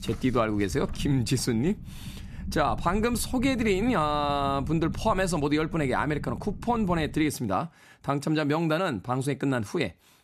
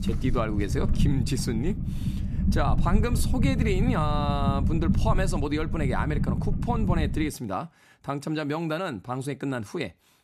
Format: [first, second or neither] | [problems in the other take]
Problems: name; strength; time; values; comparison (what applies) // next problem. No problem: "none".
first | low rumble; loud; until 7.5 s; 8 dB below the speech; faint in the first